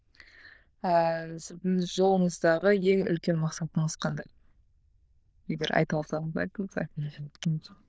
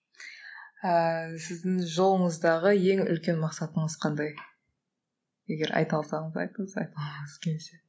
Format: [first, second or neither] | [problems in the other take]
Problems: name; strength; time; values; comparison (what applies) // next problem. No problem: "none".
second | noise reduction (neural diffusion model UNIVERSE++)